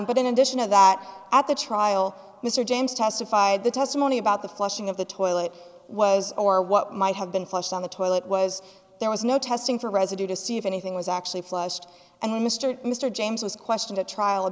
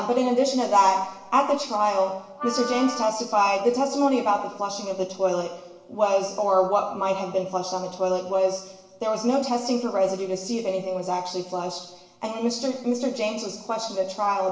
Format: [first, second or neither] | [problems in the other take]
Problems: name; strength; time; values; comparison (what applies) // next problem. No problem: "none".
first | background sound (Wind instrument, woodwind instrument); 11 dB below the speech // room echo; dies away in 0.8 s